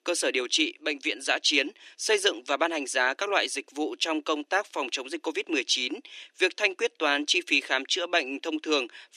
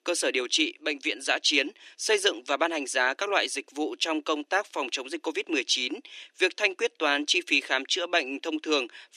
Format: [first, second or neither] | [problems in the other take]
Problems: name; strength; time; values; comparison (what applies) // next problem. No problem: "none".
neither | thin; somewhat; fading below 300 Hz; the same in both